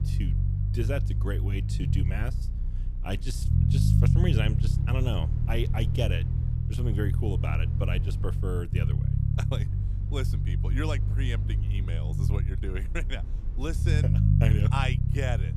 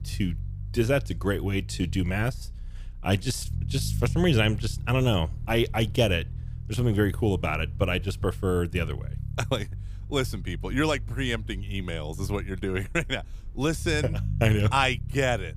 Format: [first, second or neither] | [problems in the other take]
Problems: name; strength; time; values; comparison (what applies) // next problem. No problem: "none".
second | low rumble; loud; throughout; 3 dB below the speech; faint in the second